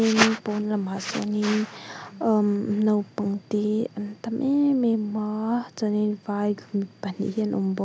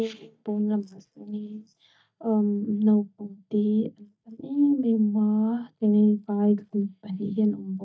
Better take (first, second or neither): first